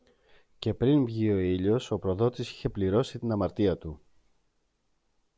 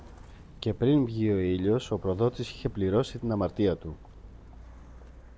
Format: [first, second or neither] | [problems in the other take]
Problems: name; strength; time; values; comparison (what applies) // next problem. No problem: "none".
first | background sound (Walk, footsteps); 19 dB below the speech